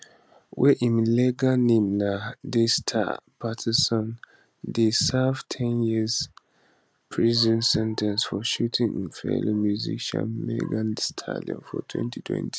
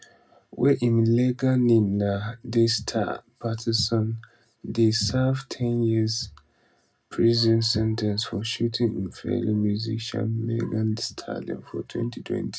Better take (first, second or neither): first